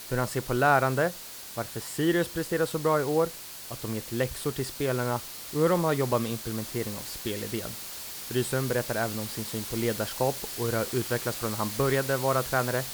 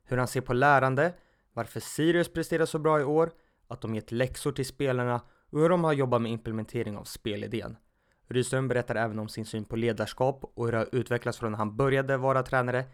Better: second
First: hiss; loud; throughout; 7 dB below the speech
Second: none

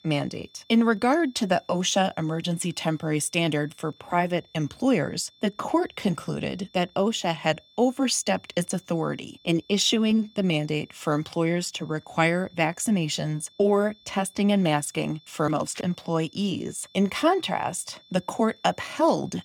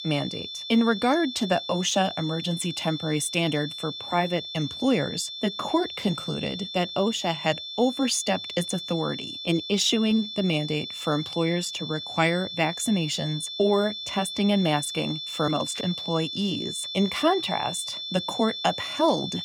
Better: first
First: high-pitched whine; faint; throughout; 3.5 kHz, 30 dB below the speech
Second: high-pitched whine; loud; throughout; 3.5 kHz, 7 dB below the speech

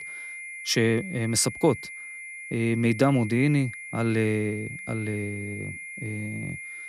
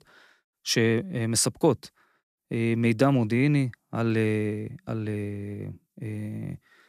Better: second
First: high-pitched whine; noticeable; throughout; 2 kHz, 10 dB below the speech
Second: none

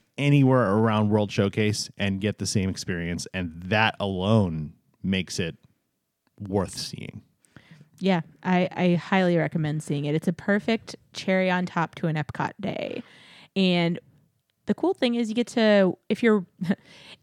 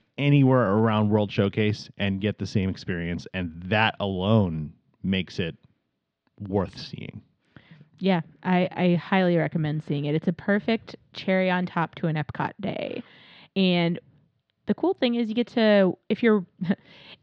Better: first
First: none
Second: muffled; very slightly; fading above 4 kHz

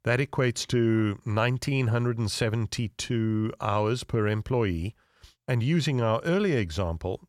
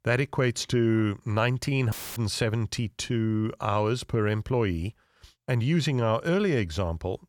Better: first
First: none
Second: audio cutting out; filled with static; at 2 s

